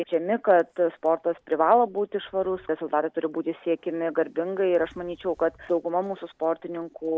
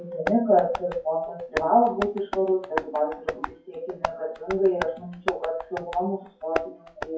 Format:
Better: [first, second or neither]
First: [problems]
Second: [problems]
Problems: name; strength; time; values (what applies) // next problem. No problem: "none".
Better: first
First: none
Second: noise reduction (classical method WPE with log-MMSE)